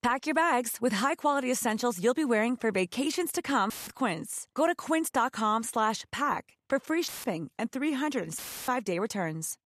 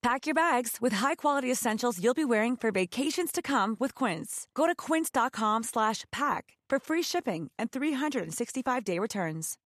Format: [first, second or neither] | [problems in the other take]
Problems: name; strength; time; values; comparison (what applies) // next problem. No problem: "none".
second | audio cutting out; filled with static; at 3.5 s, at 7 s and at 8.5 s